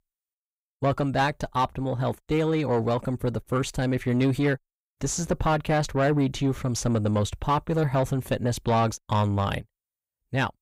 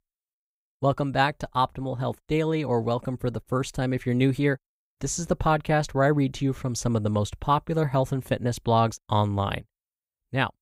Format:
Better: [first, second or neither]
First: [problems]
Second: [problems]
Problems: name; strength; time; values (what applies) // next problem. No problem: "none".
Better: second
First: distortion; slight; 10 dB below the speech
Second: none